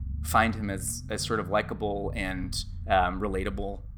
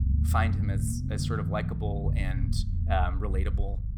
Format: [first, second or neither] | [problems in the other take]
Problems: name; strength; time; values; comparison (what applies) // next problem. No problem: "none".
first | low rumble; loud; throughout; 8 dB below the speech; faint in the first